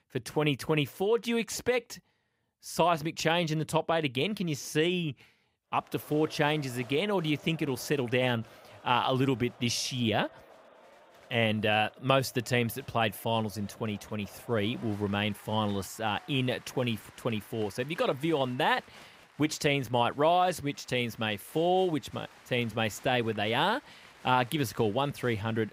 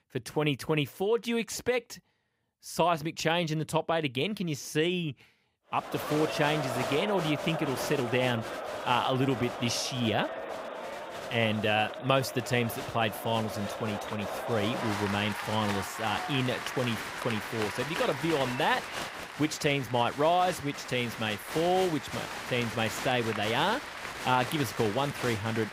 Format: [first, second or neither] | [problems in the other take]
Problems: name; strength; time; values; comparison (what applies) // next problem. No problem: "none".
first | crowd noise; loud; from 6 s on; 6 dB below the speech; faint in the first